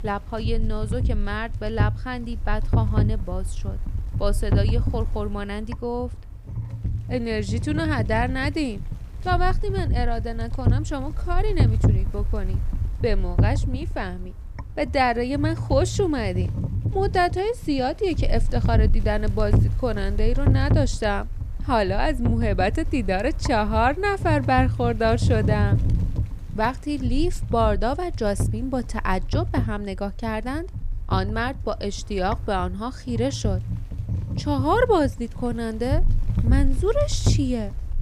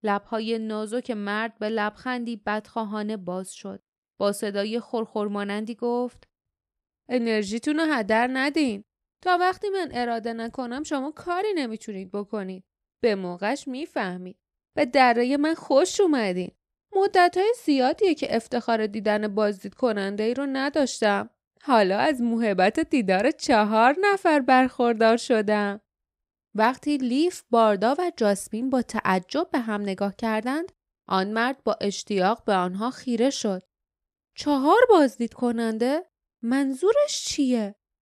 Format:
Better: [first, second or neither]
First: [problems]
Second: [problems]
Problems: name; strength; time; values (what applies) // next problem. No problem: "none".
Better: second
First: wind noise on the microphone; occasional gusts; 15 dB below the speech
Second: none